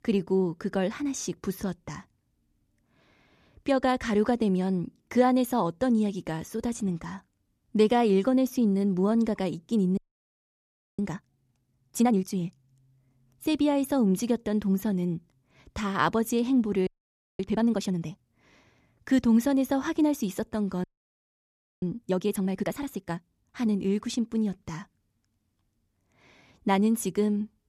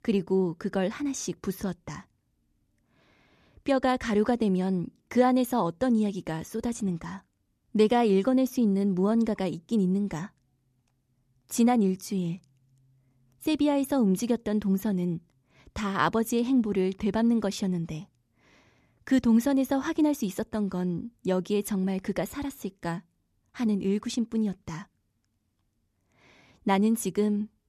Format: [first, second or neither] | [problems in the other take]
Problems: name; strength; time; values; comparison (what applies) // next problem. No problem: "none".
second | audio freezing; at 10 s for 1 s, at 17 s for 0.5 s and at 21 s for 1 s